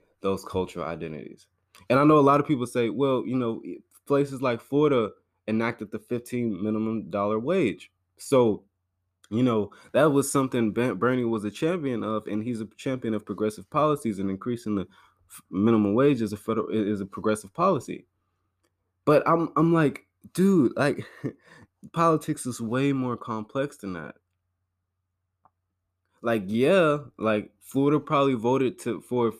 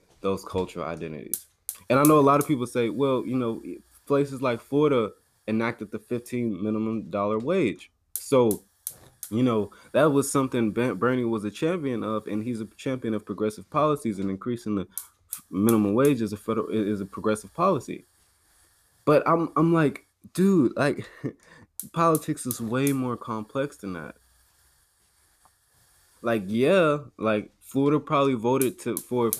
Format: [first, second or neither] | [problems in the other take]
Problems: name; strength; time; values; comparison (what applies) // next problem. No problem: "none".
first | hiss; noticeable; throughout; 10 dB below the speech